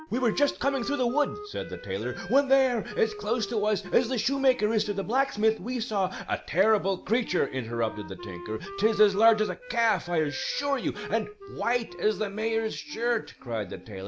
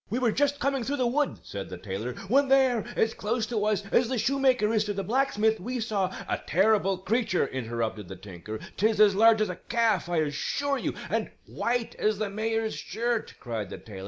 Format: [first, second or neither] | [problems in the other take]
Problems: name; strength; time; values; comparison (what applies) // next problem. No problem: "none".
second | background sound (Wind instrument, woodwind instrument); 16 dB below the speech